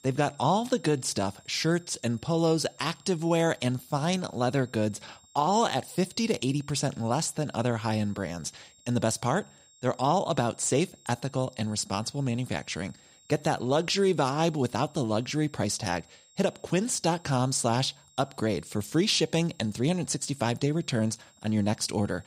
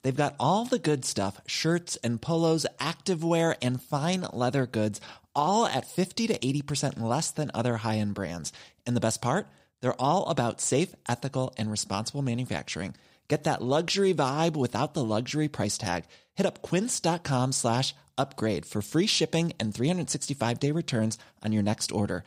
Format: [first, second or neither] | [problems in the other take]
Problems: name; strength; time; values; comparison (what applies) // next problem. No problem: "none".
second | high-pitched whine; faint; throughout; 7.5 kHz, 30 dB below the speech